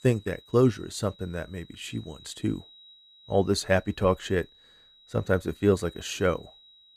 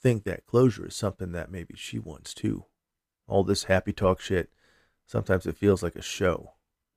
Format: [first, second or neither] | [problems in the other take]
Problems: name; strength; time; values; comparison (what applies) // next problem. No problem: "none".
second | high-pitched whine; faint; throughout; 4 kHz, 25 dB below the speech